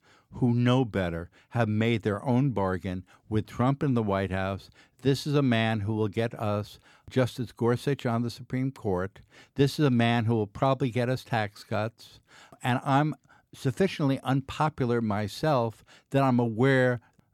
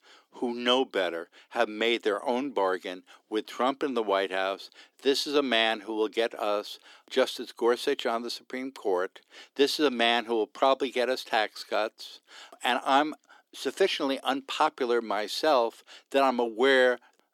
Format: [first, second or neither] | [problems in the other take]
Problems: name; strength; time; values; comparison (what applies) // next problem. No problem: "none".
first | thin; somewhat; fading below 300 Hz